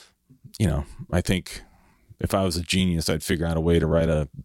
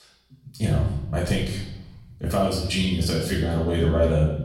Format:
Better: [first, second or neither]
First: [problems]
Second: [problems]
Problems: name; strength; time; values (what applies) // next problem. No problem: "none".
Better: first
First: none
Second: off-mic speech; far // room echo; noticeable; dies away in 0.9 s